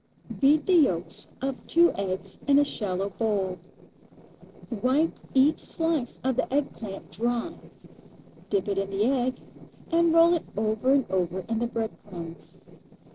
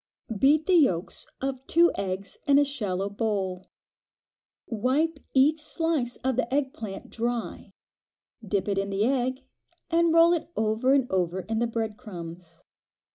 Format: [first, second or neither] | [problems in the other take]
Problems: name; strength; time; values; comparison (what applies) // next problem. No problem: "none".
second | noise reduction (neural separator model SepFormer DNS4)